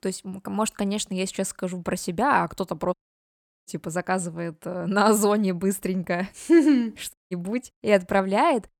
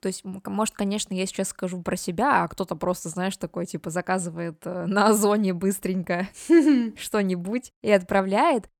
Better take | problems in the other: second | audio cutting out; at 3 s for 0.5 s and at 7 s

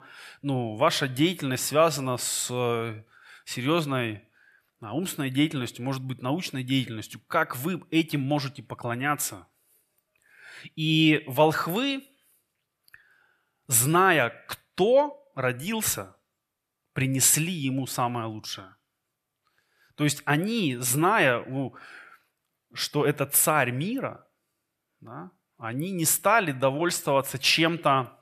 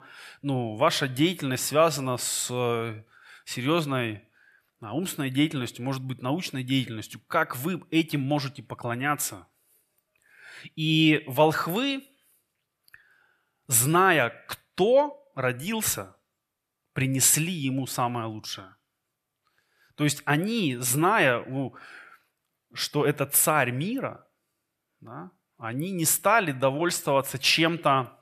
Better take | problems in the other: neither | none

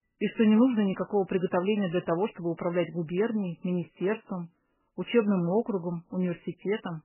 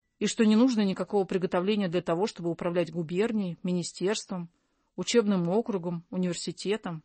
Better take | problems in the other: second | garbled, watery; badly; nothing above 3 kHz; slightly in the second

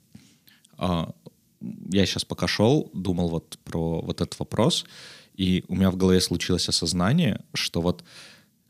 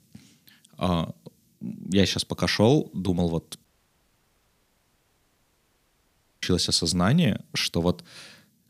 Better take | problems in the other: first | audio cutting out; at 3.5 s for 3 s

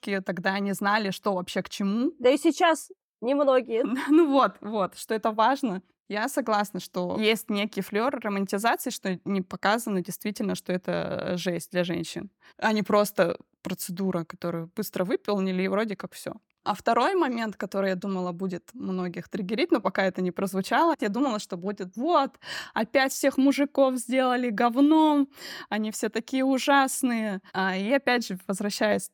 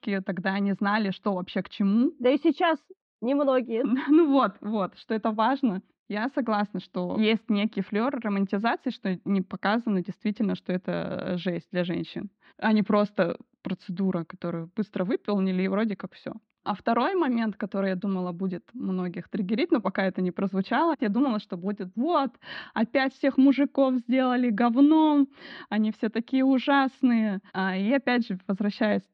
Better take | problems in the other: first | muffled; very slightly; fading above 4 kHz

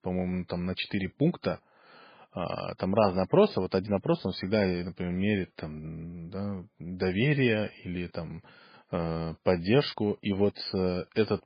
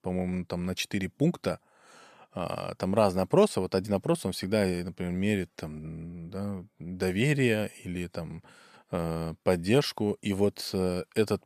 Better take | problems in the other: second | garbled, watery; badly; nothing above 4.5 kHz

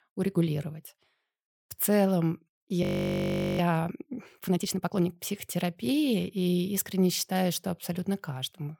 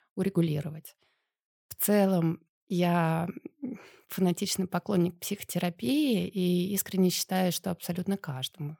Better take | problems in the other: second | audio freezing; at 3 s for 1 s

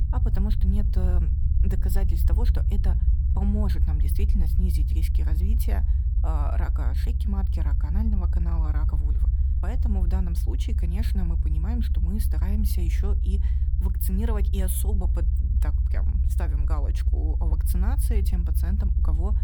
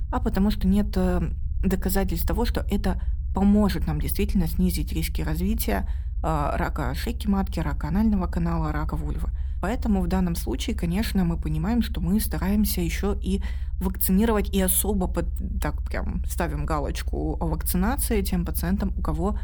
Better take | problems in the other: second | low rumble; loud; throughout; 4 dB below the speech; faint in the second

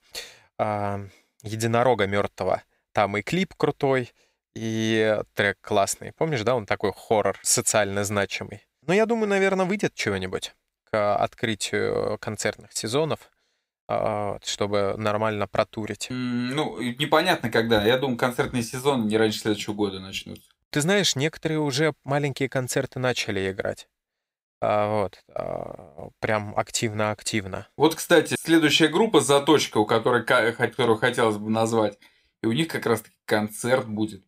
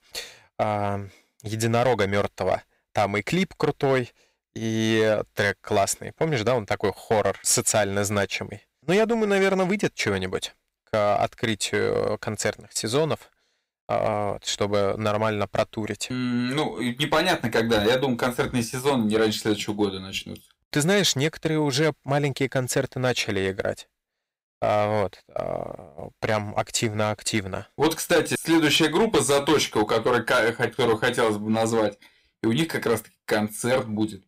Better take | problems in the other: first | distortion; slight; 4% of the sound clipped

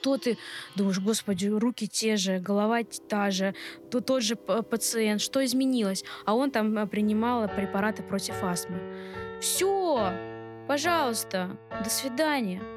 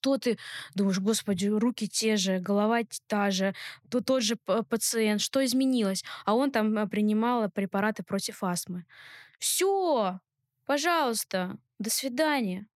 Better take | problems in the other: second | background music; noticeable; throughout; 15 dB below the speech

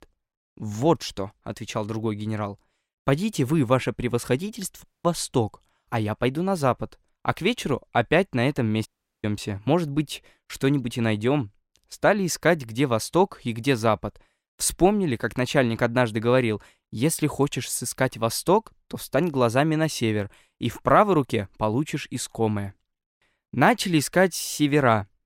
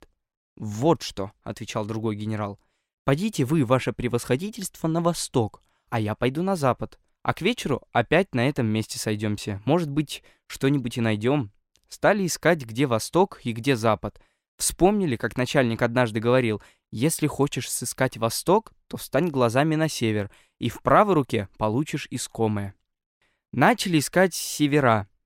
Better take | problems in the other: second | audio cutting out; at 5 s and at 9 s

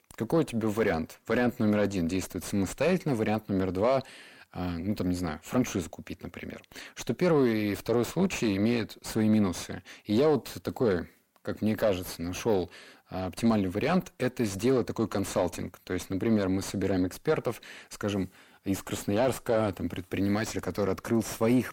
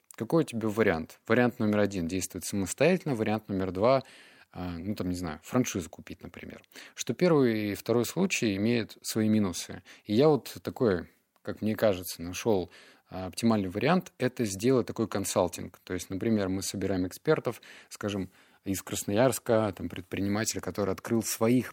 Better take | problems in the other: second | distortion; slight; 9 dB below the speech

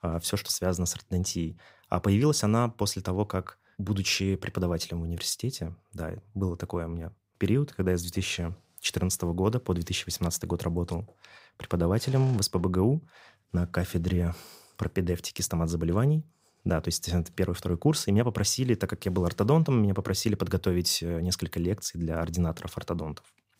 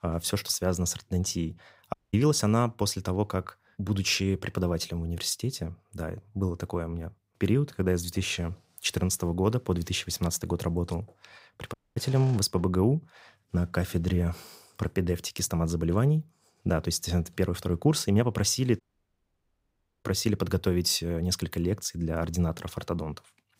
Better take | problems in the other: first | audio cutting out; at 2 s, at 12 s and at 19 s for 1 s

